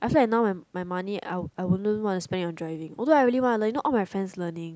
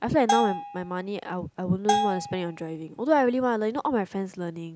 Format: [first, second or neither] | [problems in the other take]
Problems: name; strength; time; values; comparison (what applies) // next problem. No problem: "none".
first | background sound (Bell); 4 dB below the speech